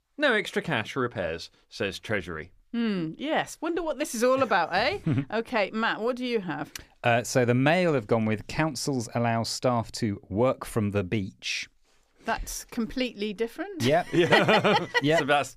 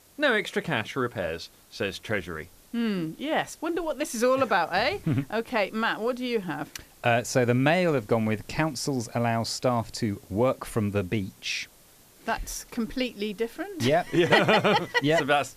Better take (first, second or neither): first